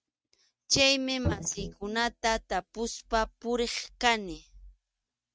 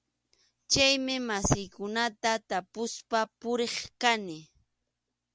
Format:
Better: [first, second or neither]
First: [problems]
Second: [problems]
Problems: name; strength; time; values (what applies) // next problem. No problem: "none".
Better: second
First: noise reduction (neural mask model RNNoise)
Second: none